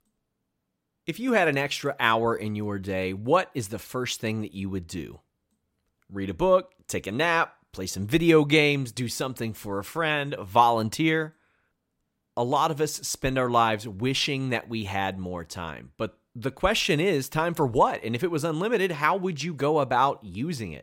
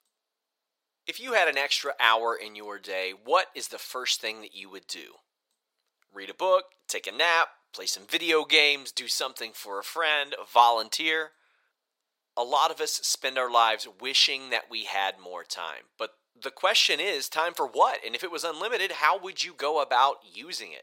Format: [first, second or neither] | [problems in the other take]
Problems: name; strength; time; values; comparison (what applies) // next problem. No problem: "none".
first | thin; very; fading below 550 Hz